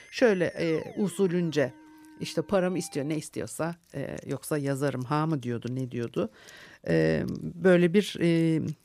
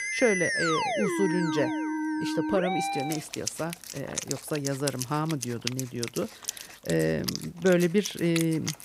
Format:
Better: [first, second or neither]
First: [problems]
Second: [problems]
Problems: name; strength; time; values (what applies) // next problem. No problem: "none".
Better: first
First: background music; faint; throughout; 25 dB below the speech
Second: background music; loud; throughout; 3 dB below the speech